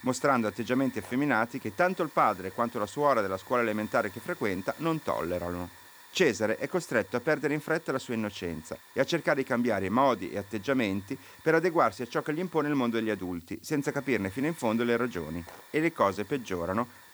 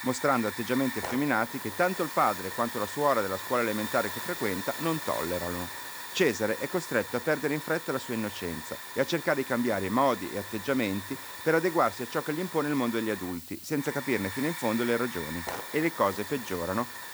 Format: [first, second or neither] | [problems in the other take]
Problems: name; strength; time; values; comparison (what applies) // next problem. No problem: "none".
first | hiss; loud; throughout; 7 dB below the speech; faint in the first